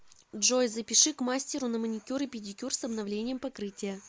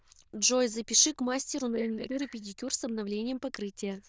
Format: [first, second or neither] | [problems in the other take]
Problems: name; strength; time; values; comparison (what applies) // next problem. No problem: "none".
first | noise reduction (neural diffusion model UNIVERSE++)